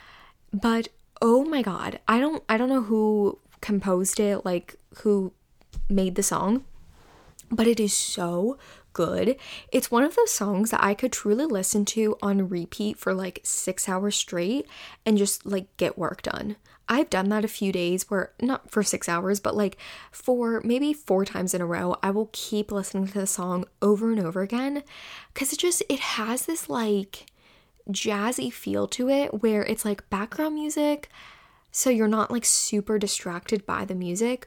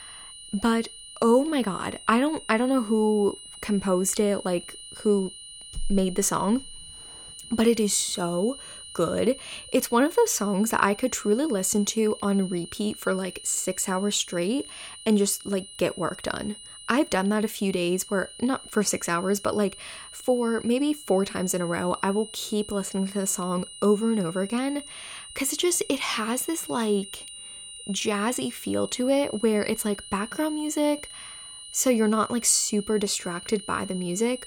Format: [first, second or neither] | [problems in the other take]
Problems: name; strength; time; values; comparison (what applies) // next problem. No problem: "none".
first | high-pitched whine; noticeable; throughout; 9.5 kHz, 15 dB below the speech